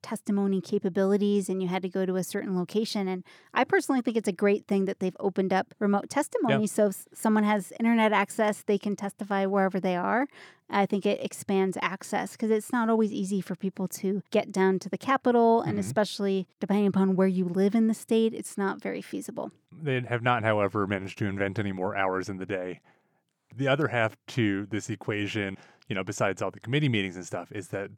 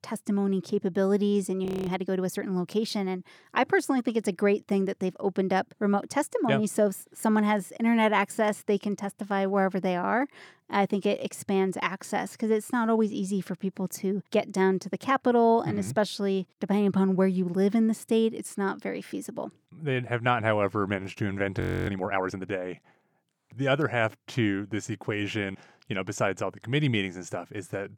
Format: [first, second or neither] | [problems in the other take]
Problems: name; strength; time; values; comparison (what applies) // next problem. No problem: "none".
first | audio freezing; at 1.5 s and at 22 s